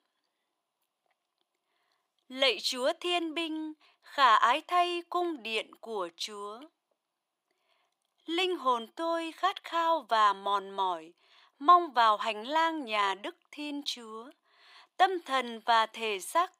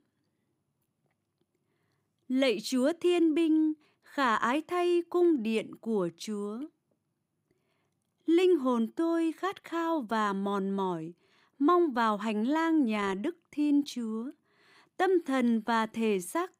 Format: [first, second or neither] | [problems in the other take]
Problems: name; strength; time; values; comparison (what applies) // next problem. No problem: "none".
second | thin; very; fading below 650 Hz